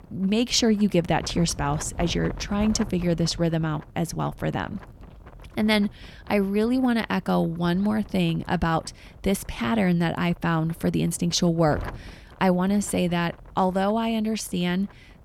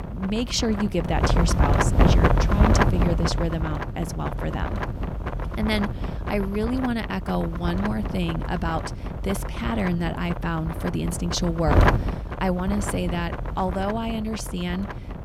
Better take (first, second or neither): first